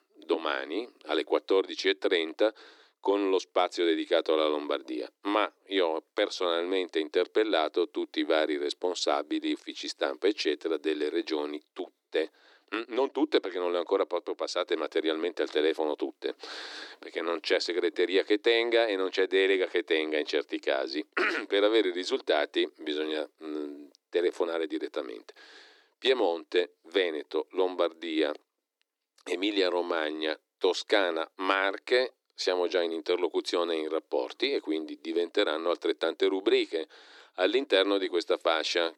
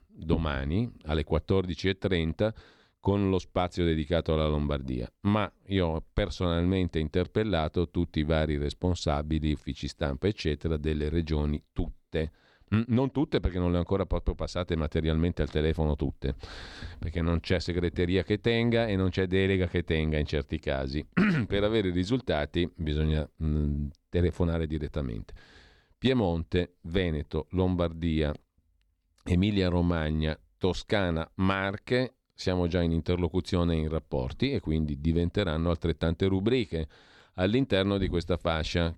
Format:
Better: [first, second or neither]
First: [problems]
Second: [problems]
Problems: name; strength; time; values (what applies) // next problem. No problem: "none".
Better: second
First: thin; very; fading below 300 Hz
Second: none